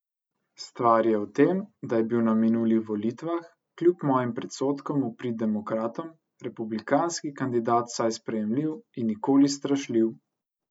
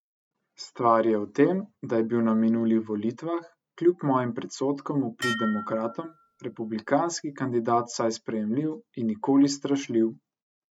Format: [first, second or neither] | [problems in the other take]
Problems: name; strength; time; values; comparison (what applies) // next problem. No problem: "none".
first | noise reduction (neural mask model RNNoise)